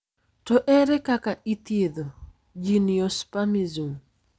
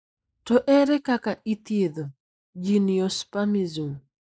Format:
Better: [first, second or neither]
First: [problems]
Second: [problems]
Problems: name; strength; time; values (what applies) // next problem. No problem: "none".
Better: first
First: none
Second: noise reduction (neural mask model Resemble Enhance denoiser)